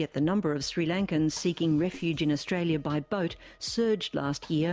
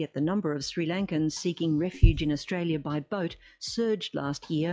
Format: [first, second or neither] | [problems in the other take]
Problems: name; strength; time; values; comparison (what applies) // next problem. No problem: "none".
first | noise reduction (classical method log-MMSE)